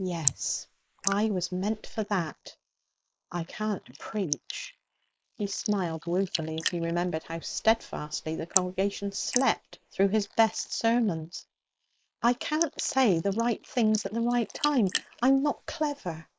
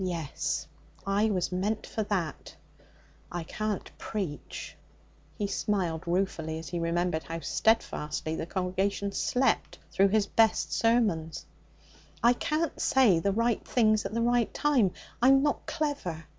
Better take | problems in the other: second | noise reduction (neural mask model Resemble Enhance denoiser)

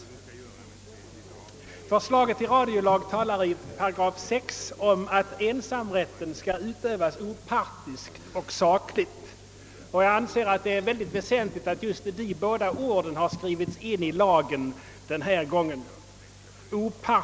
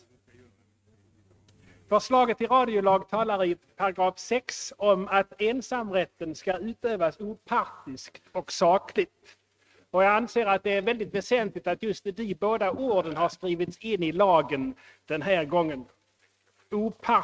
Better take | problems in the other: first | noise reduction (neural mask model RNNoise)

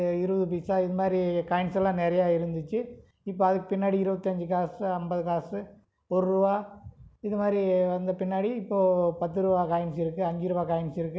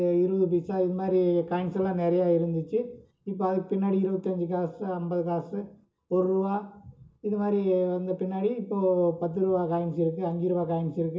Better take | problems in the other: first | room echo; dies away in 0.2 s

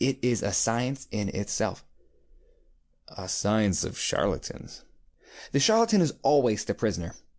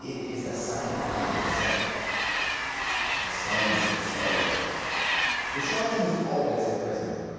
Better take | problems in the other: first | background sound (Train); 2 dB above the speech // room echo; dies away in 2.2 s

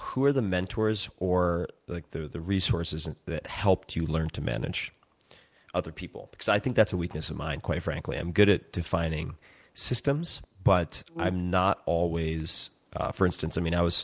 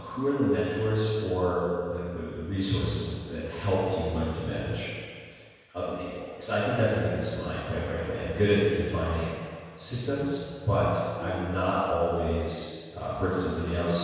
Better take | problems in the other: first | room echo; dies away in 1.9 s

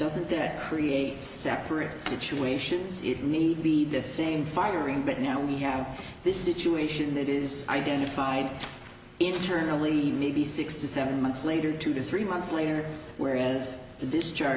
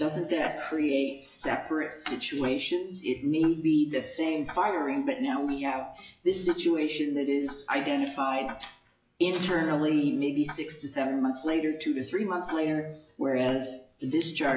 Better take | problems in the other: first | noise reduction (classical method log-MMSE)

